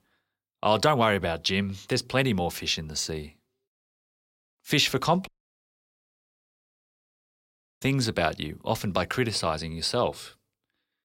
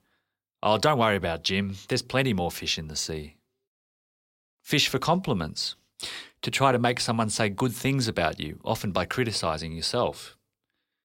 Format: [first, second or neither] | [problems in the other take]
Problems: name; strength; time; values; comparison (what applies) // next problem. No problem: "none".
second | audio cutting out; at 5.5 s for 2.5 s